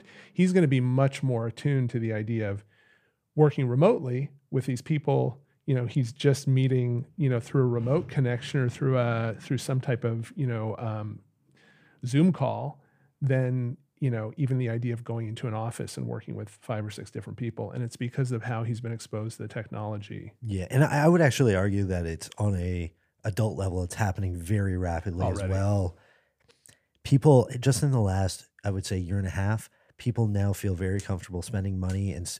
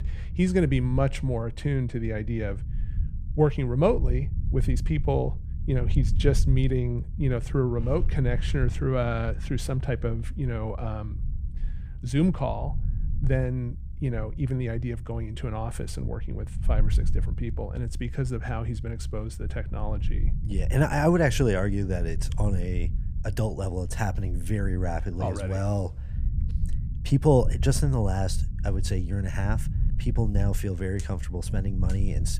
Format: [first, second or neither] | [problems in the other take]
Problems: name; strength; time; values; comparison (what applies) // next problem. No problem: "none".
first | low rumble; noticeable; throughout; 15 dB below the speech